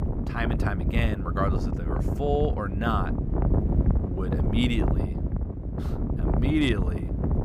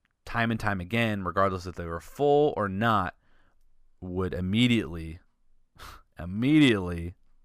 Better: second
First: wind noise on the microphone; heavy; 5 dB below the speech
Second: none

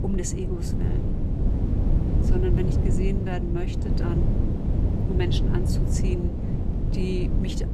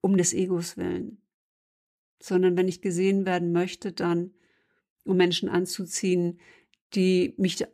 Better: second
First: wind noise on the microphone; heavy; 1 dB below the speech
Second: none

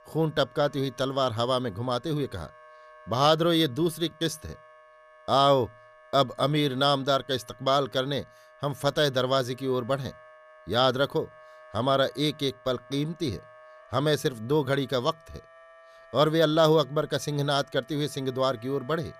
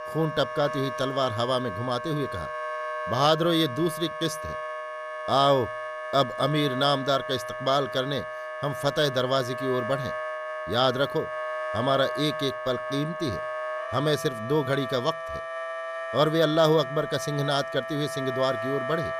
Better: first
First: background music; faint; throughout; 25 dB below the speech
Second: background music; loud; throughout; 7 dB below the speech

